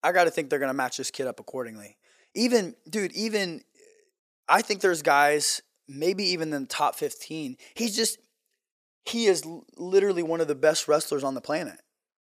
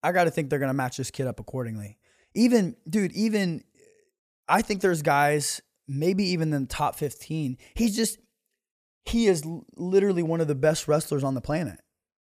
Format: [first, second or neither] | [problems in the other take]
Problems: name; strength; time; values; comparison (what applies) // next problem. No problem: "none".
second | thin; somewhat; fading below 350 Hz